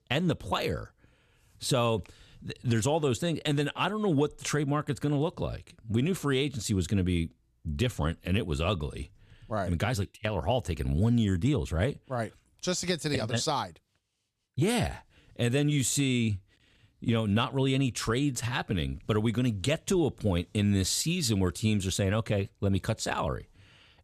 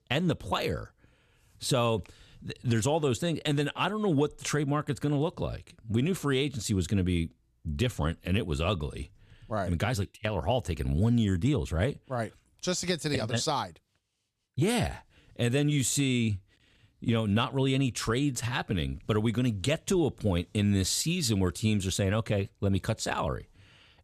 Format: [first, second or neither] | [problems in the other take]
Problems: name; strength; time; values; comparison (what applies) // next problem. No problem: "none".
neither | none